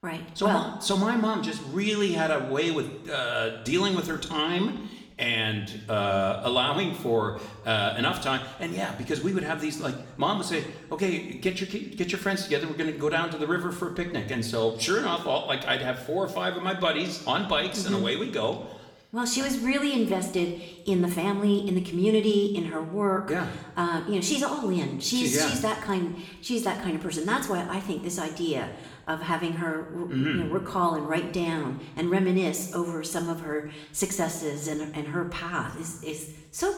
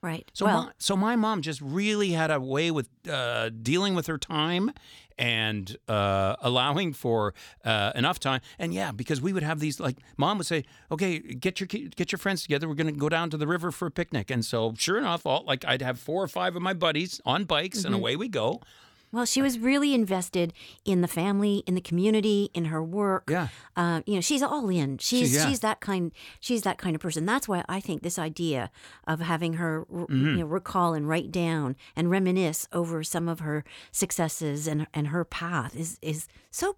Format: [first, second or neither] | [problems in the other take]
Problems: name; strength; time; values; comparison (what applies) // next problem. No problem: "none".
second | room echo; slight; dies away in 0.8 s // off-mic speech; somewhat distant